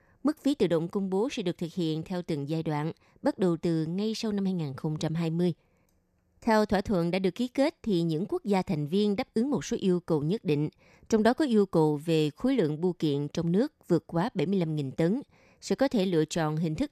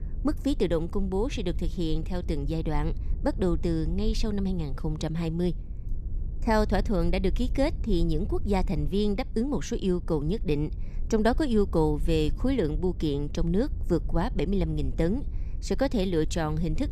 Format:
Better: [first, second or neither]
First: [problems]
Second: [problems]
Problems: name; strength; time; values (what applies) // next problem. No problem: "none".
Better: first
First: none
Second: low rumble; faint; throughout; 20 dB below the speech